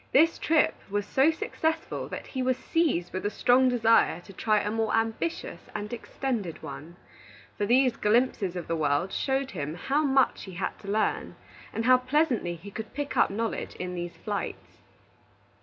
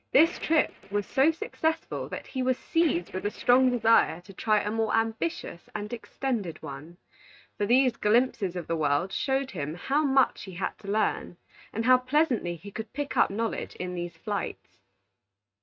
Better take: first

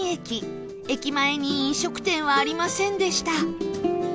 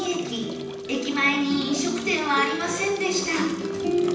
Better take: first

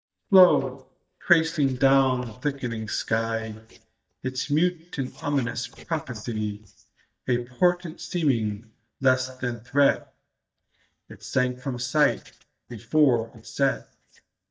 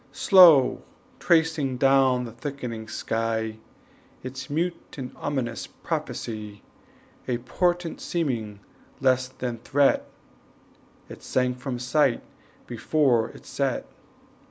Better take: second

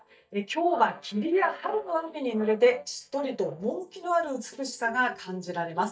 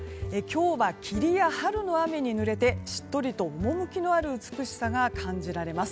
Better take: second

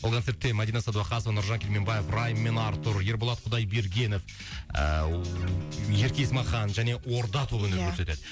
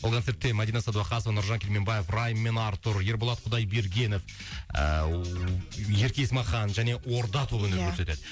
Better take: second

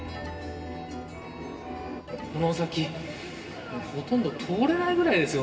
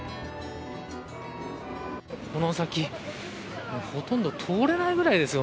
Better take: second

